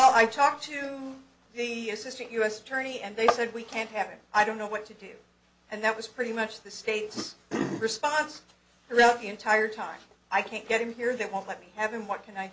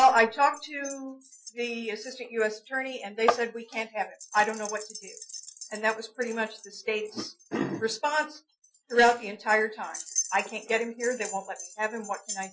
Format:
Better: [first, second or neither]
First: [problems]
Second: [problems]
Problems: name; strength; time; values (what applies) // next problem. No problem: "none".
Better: first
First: none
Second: noise reduction (classical method Wiener filter)